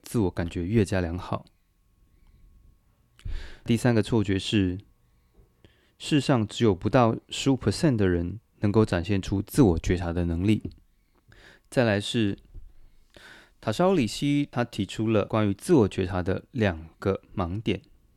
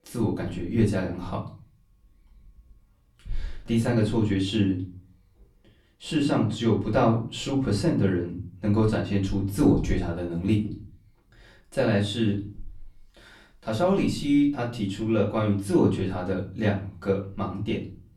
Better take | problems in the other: first | off-mic speech; far // room echo; slight; dies away in 0.4 s

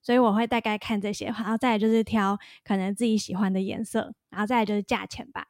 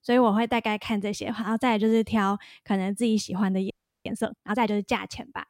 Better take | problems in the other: first | audio freezing; at 3.5 s

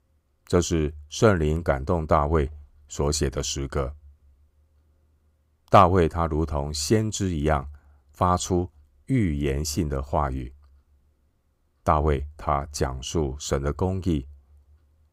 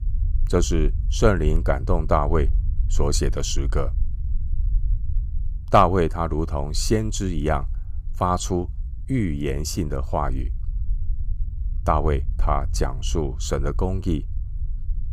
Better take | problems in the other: first | low rumble; faint; throughout; 25 dB below the speech

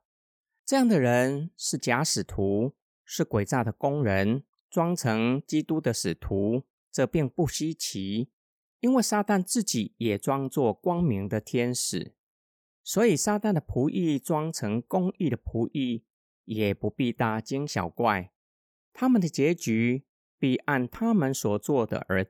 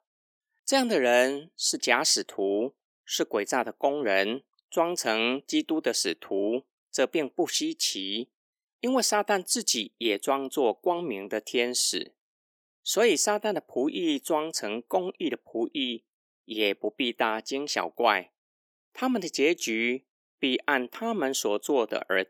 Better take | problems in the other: first | thin; somewhat; fading below 300 Hz

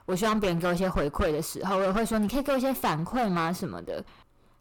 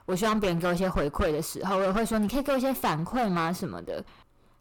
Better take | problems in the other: neither | distortion; heavy; 16% of the sound clipped; the same in both

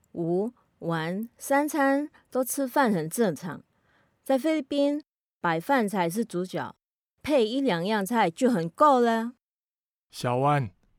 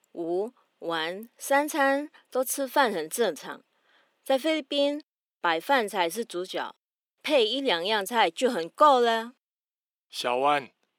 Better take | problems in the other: first | thin; somewhat; fading below 350 Hz

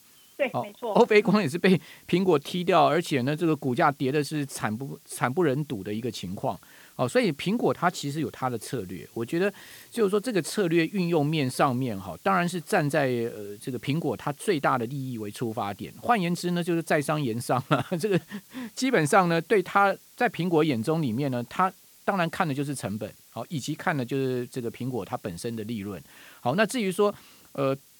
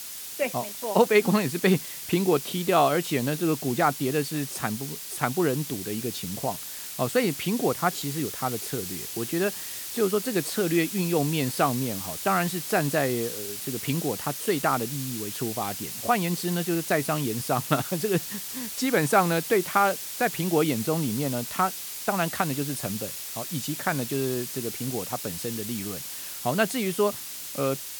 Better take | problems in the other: first | hiss; loud; throughout; 6 dB below the speech; faint in the first

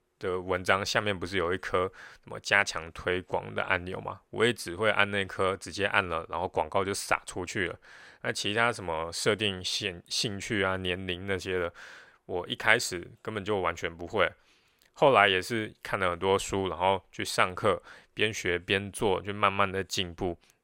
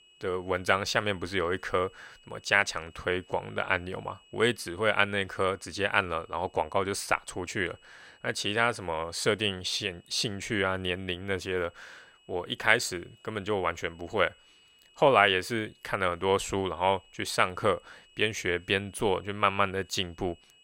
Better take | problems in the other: first | high-pitched whine; faint; throughout; 3 kHz, 30 dB below the speech

